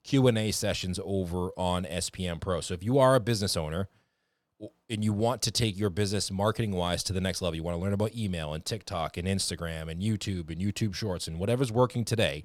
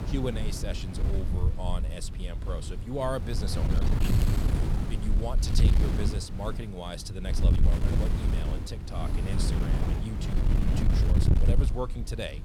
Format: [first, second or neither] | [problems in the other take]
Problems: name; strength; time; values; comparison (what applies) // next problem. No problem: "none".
first | wind noise on the microphone; heavy; 2 dB below the speech